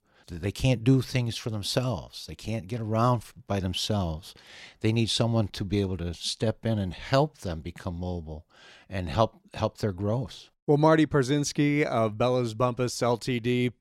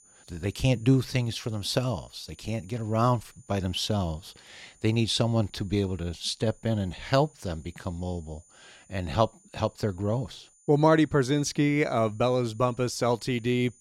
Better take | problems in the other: first | high-pitched whine; faint; throughout; 7 kHz, 30 dB below the speech

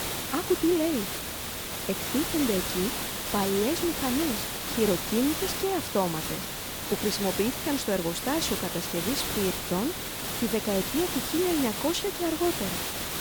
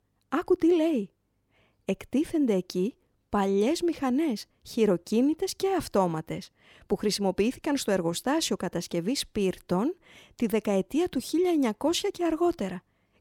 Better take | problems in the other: second | hiss; loud; throughout; 1 dB below the speech

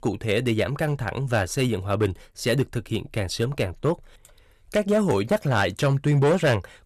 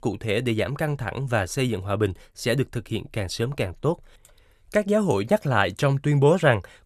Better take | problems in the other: second | distortion; slight; 4% of the sound clipped

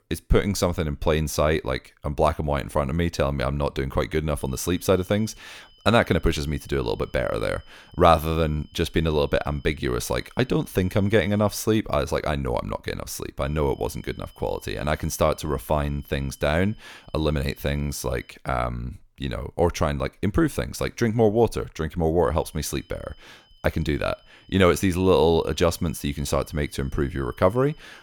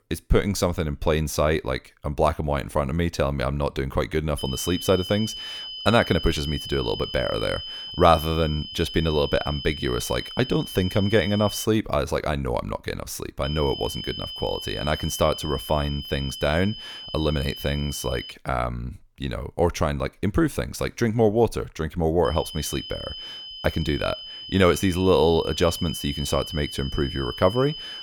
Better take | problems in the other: first | high-pitched whine; loud; from 4.5 to 12 s, from 13 to 18 s and from 22 s on; 3 kHz, 9 dB below the speech; faint in the first

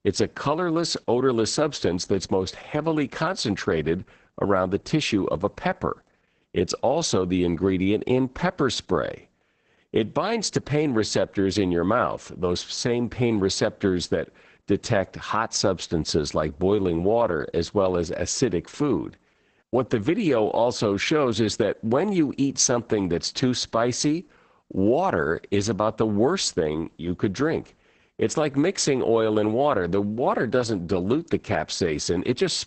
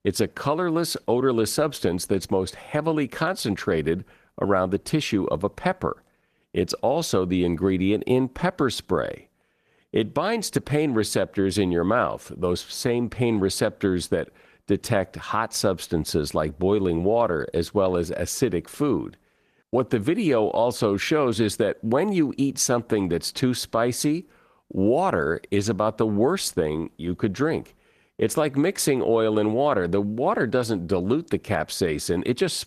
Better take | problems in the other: second | garbled, watery; badly; nothing above 8 kHz; slightly in the second

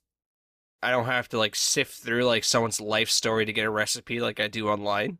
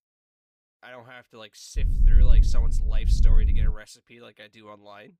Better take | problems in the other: first | low rumble; very faint; from 2 to 3.5 s; 2 dB below the speech

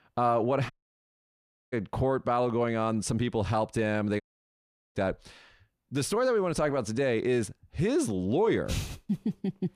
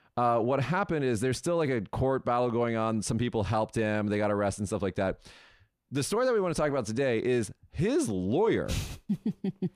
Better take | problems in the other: second | audio cutting out; at 0.5 s for 1 s and at 4 s for 0.5 s

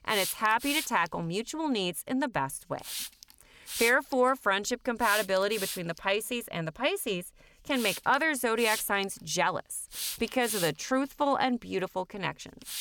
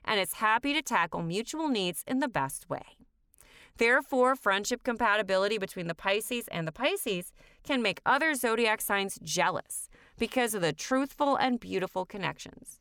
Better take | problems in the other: second | hiss; loud; throughout; 7 dB below the speech

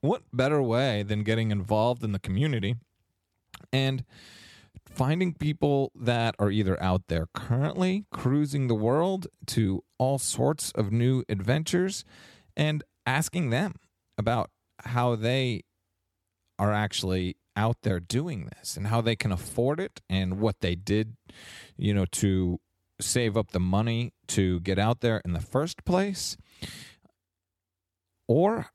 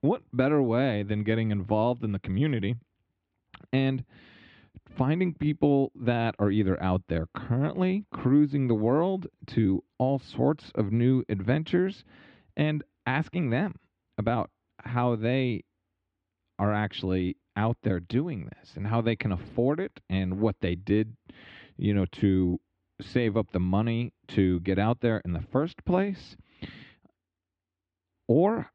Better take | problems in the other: first | muffled; very; fading above 3 kHz

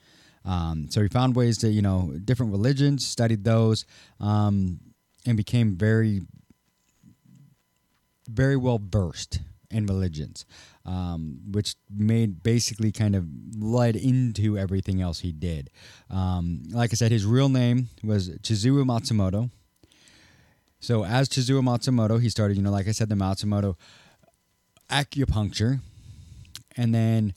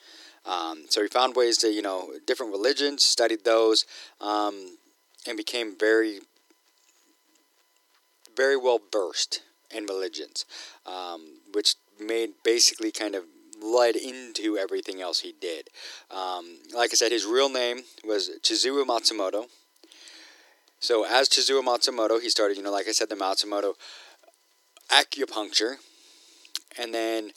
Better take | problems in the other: first | thin; very; fading below 300 Hz

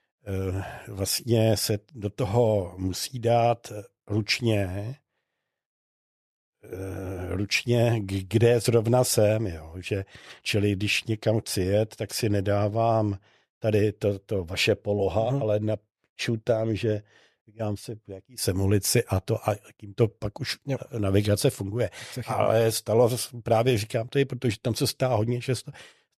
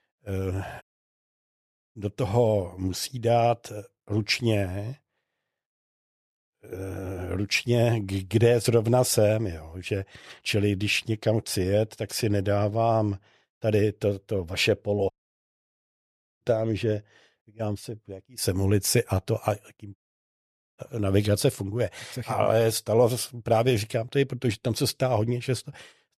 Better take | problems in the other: first | audio cutting out; at 1 s for 1 s, at 15 s for 1.5 s and at 20 s for 1 s

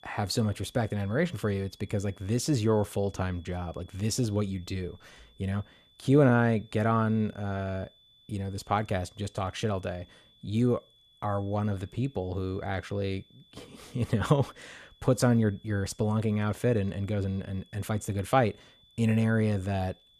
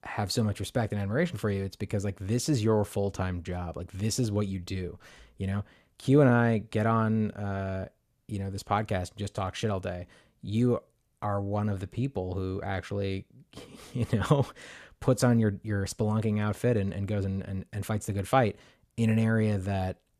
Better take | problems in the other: second | high-pitched whine; faint; throughout; 3.5 kHz, 30 dB below the speech

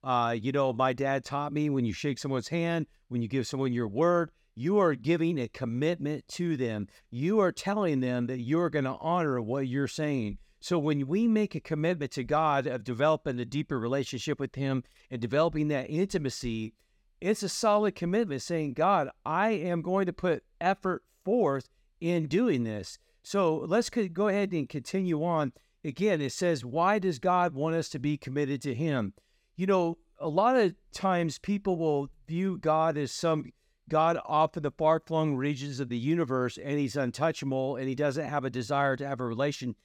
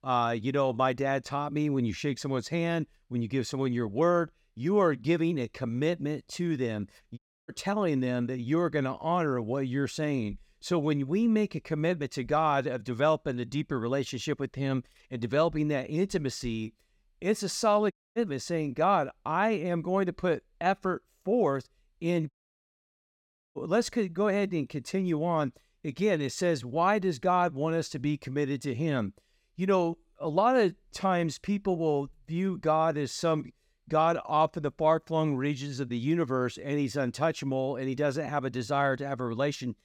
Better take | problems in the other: first | audio cutting out; at 7 s, at 18 s and at 22 s for 1.5 s

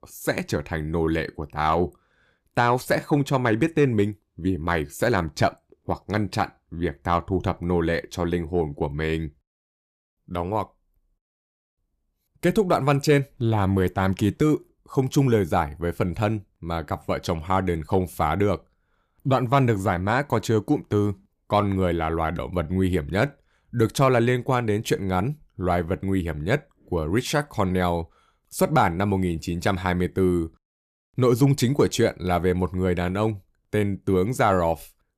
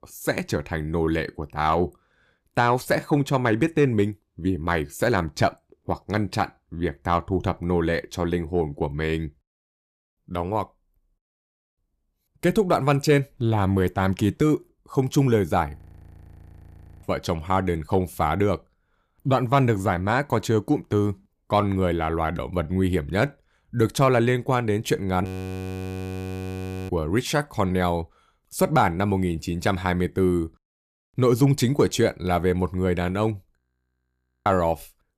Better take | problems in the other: first | audio freezing; at 16 s for 1.5 s, at 25 s for 1.5 s and at 34 s for 1 s

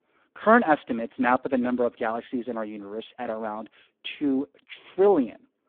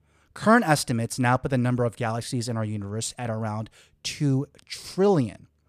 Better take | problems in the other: second | phone-call audio; poor line

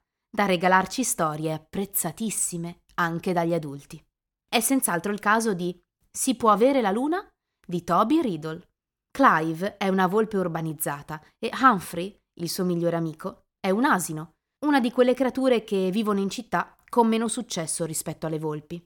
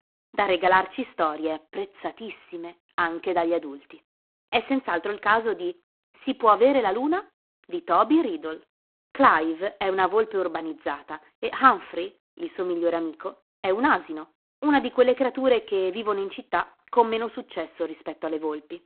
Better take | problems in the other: first | phone-call audio; poor line

